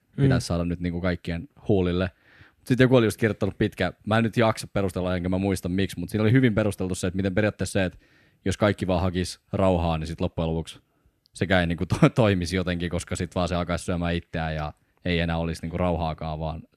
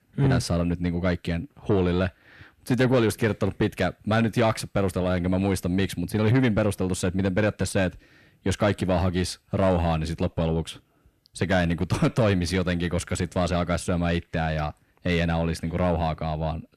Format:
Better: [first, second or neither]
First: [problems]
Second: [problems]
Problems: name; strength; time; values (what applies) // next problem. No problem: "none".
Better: first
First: none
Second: distortion; slight; 10 dB below the speech